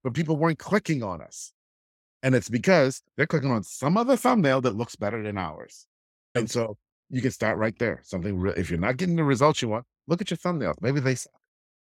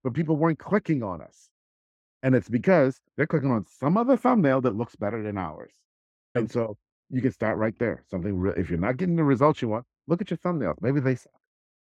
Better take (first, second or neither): first